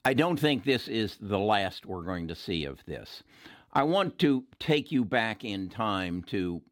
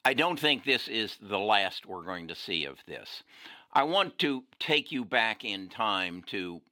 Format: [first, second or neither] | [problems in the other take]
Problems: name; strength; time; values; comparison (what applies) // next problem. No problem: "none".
first | thin; somewhat; fading below 1 kHz